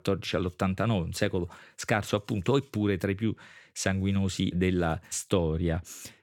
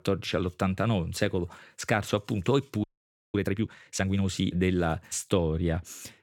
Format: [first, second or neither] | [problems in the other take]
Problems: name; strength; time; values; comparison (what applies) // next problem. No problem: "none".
first | audio freezing; at 3 s for 0.5 s